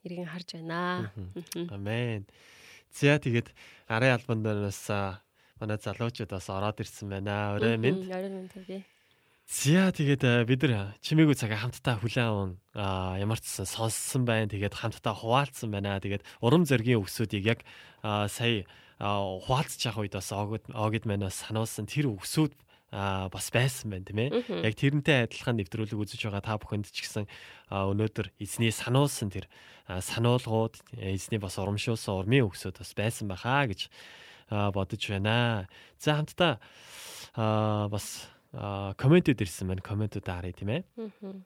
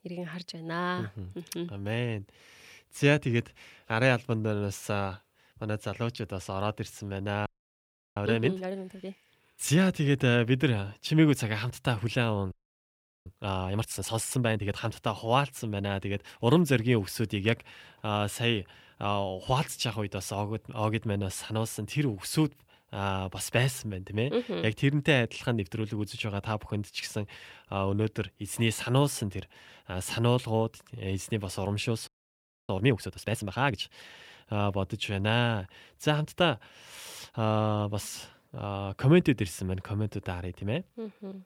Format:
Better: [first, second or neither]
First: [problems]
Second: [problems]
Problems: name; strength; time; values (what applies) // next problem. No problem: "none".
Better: first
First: none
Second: audio freezing; at 7.5 s for 0.5 s, at 13 s for 0.5 s and at 32 s for 0.5 s